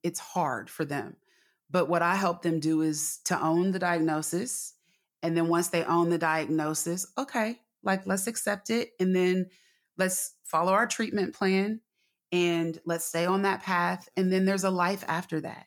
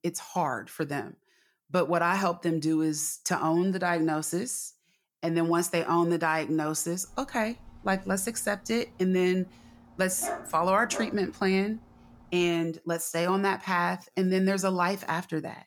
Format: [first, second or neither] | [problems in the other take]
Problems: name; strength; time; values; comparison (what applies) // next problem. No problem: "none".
first | dog barking; noticeable; from 7 to 11 s; peak 8 dB below the speech